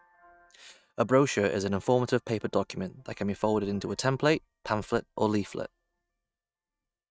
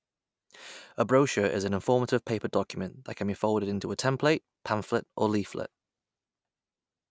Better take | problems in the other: second | noise reduction (neural mask model RNNoise)

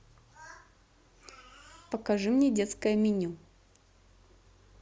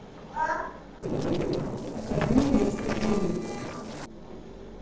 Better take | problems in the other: first | noise reduction (neural separator model SepFormer DNS4)

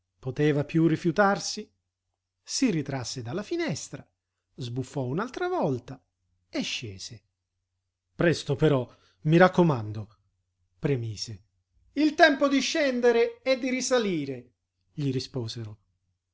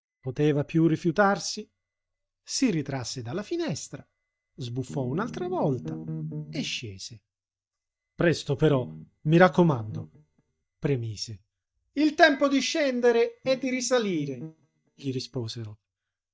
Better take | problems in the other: first | noise reduction (neural mask model DeepFilterNet 3)

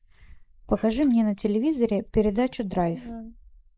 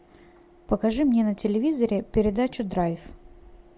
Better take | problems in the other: second | noise reduction (neural mask model Resemble Enhance denoiser)

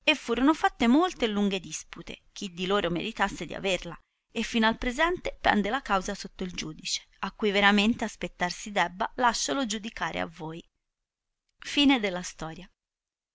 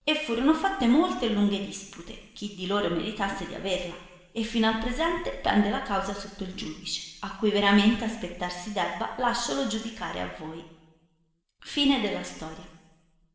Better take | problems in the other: first | room echo; dies away in 1.3 s

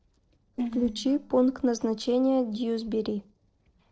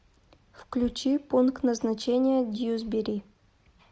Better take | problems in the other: second | noise reduction (neural separator model SepFormer DNS4)

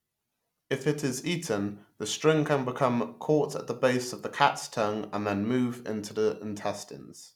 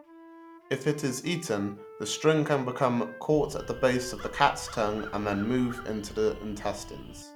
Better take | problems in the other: first | background sound (Wind instrument, woodwind instrument + Crow); 15 dB below the speech

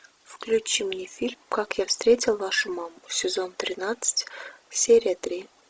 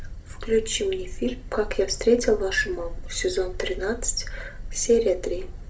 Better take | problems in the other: first | background sound (Boat, Water vehicle); 8 dB below the speech // room echo; dies away in 0.3 s

